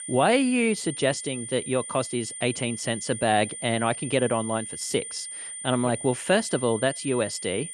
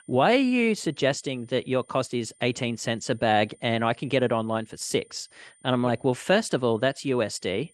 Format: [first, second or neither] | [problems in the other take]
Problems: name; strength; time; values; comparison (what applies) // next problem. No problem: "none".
second | high-pitched whine; loud; throughout; 9 kHz, 8 dB below the speech; faint in the second